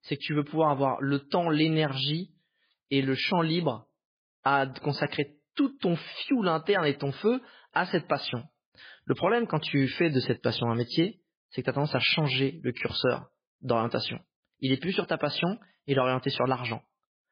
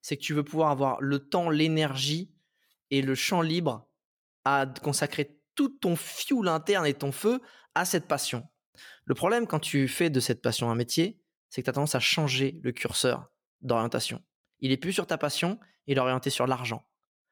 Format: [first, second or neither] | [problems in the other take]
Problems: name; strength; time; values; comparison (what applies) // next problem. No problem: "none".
second | garbled, watery; badly; nothing above 4 kHz